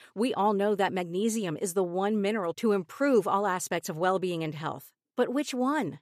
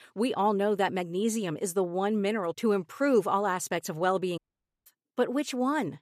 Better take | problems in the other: first | audio cutting out; at 4.5 s

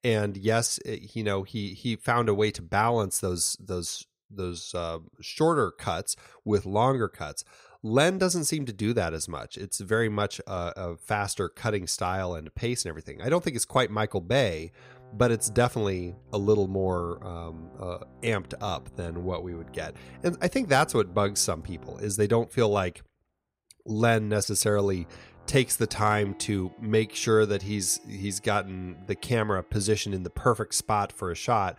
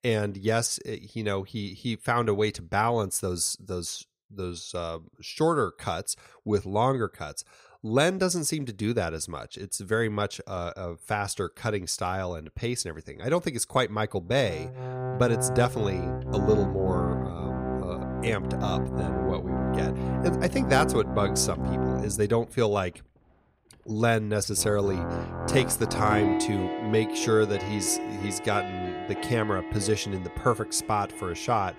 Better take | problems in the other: first | background music; loud; from 15 s on; 3 dB below the speech; faint in the first

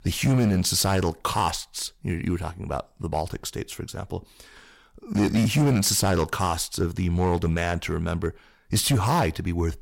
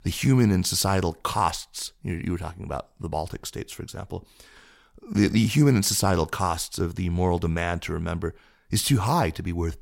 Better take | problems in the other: second | distortion; slight; 4% of the sound clipped

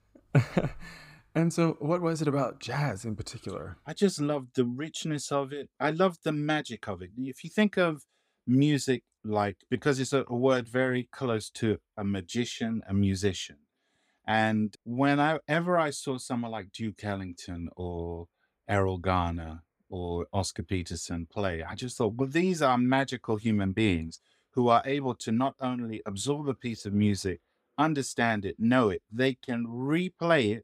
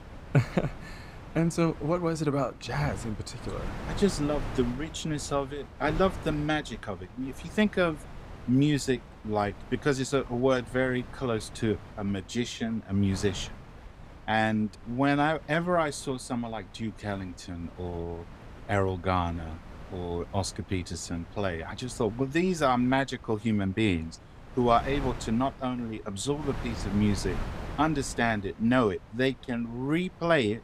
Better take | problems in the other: first | wind noise on the microphone; occasional gusts; 15 dB below the speech

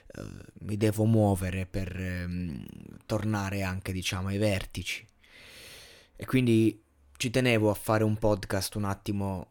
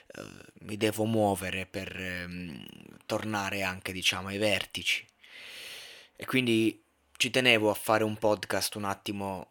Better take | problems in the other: first | thin; very slightly; fading below 800 Hz

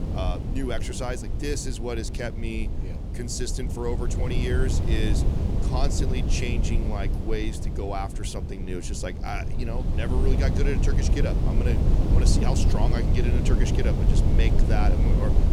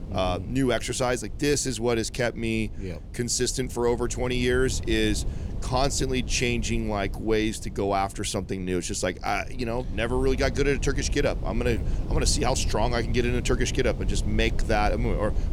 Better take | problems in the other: second | wind noise on the microphone; heavy; 3 dB below the speech; occasional gusts in the second

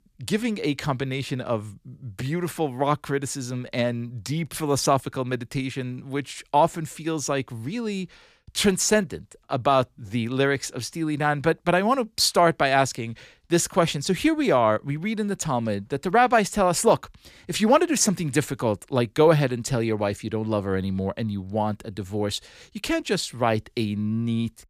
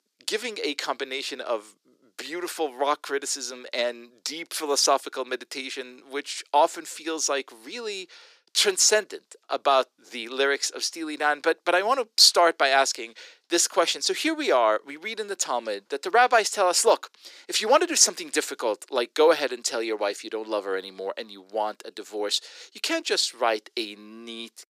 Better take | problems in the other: first | thin; very; fading below 350 Hz

